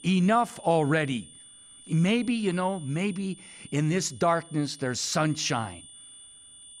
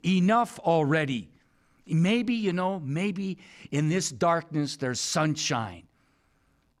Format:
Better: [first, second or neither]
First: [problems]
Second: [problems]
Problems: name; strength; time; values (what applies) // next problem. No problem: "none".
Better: second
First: high-pitched whine; noticeable; throughout; 9 kHz, 20 dB below the speech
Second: none